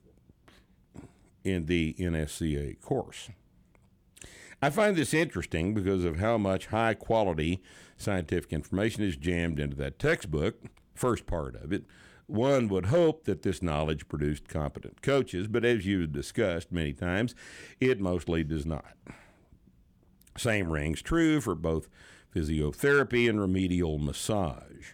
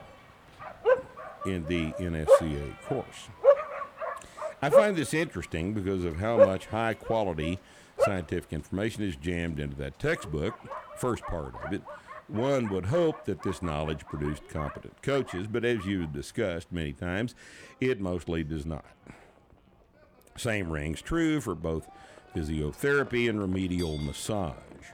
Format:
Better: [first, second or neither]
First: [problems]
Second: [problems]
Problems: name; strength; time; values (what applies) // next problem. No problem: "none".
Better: first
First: none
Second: animal sounds; very loud; throughout; 2 dB above the speech